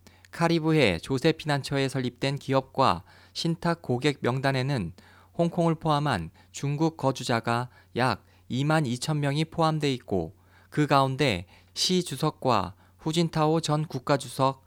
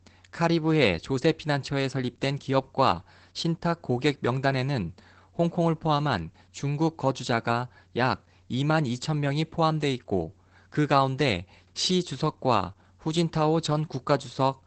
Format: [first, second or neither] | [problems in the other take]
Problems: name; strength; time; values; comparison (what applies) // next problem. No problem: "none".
first | garbled, watery; badly; nothing above 8 kHz